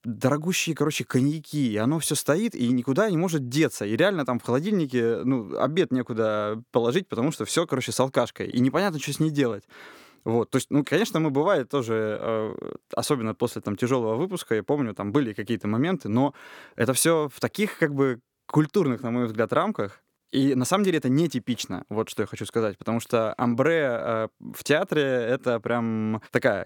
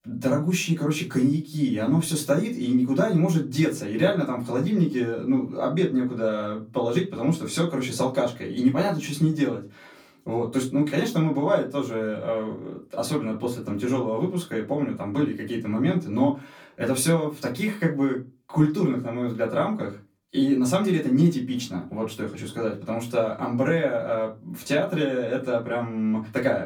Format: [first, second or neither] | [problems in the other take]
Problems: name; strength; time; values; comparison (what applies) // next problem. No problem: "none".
first | off-mic speech; far // room echo; very slight; dies away in 0.2 s